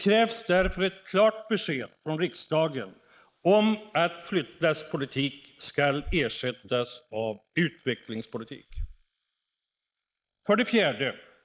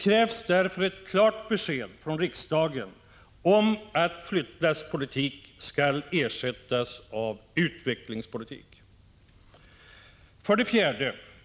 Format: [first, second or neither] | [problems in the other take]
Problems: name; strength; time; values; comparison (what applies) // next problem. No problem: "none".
second | noise reduction (neural mask model Resemble Enhance denoiser)